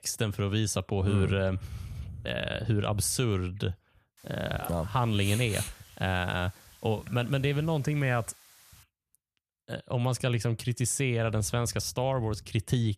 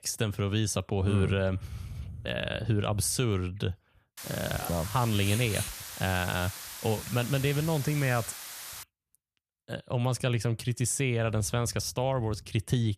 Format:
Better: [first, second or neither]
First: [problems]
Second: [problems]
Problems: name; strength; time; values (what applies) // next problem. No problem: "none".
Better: first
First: hiss; faint; from 4 to 9 s; 25 dB below the speech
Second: hiss; loud; from 4 to 9 s; 10 dB below the speech